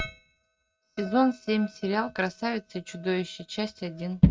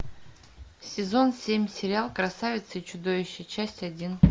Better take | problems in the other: second | noise reduction (neural mask model RNNoise)

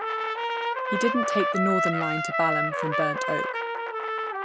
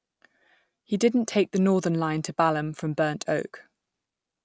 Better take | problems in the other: second | background sound (Trumpet); 3 dB above the speech

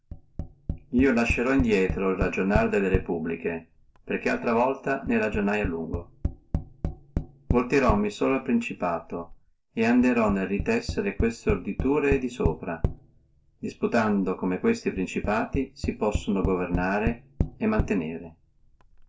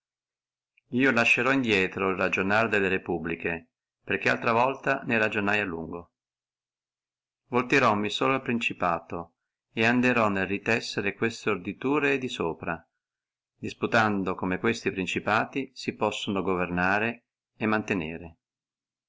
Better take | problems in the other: second | background sound (Tap); 7 dB below the speech // room echo; dies away in 0.2 s

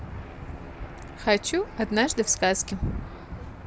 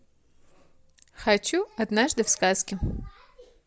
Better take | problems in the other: second | background sound (Engine / Aircraft); 11 dB below the speech

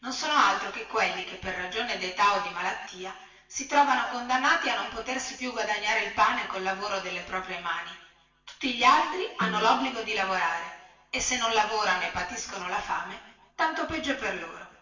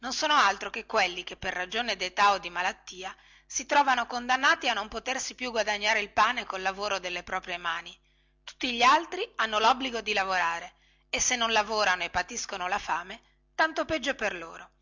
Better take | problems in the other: second | background sound (Snare drum); 13 dB below the speech // room echo; dies away in 1 s

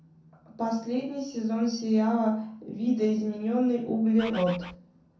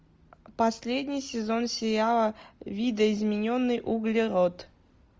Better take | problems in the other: second | background sound (Bird); 13 dB below the speech // room echo; dies away in 0.6 s

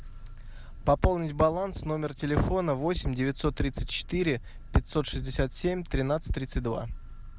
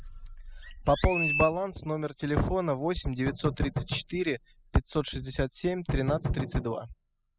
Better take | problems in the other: first | noise reduction (classical method spectral subtraction)

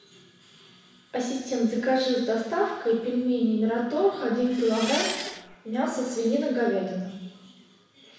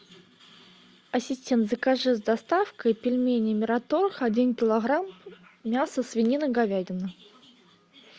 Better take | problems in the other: second | background sound (Engine); 7 dB below the speech // room echo; dies away in 1 s

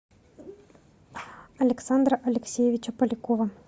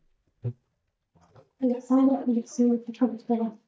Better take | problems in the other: first | noise reduction (neural mask model DeepFilterNet 3)

